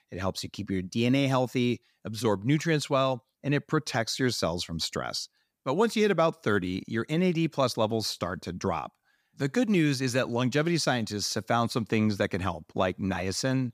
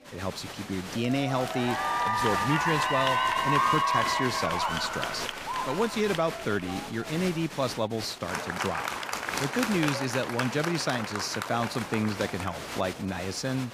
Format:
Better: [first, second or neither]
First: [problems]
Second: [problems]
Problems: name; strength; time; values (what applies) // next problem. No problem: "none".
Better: first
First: none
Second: crowd noise; very loud; throughout; as loud as the speech